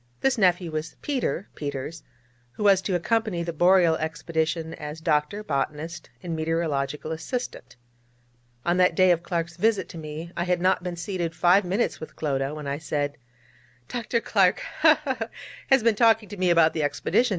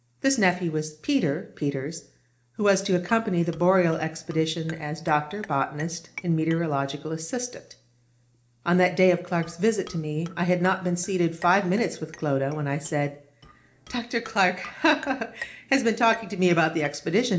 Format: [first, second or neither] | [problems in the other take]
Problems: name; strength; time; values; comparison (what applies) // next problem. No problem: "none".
first | noise reduction (neural separator model SepFormer DNS4)